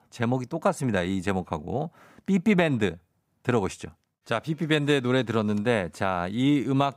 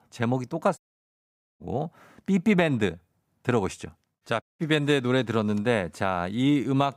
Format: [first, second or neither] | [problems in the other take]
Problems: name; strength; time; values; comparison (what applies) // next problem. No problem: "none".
first | audio cutting out; at 1 s for 1 s and at 4.5 s